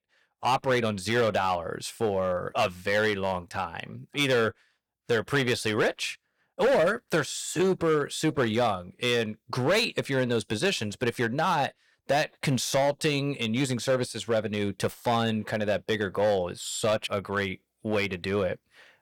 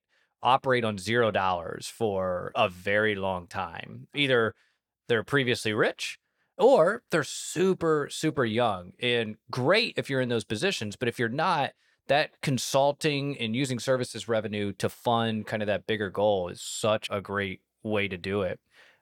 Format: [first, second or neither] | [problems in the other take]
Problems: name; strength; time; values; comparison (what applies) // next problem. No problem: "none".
second | distortion; slight; 6% of the sound clipped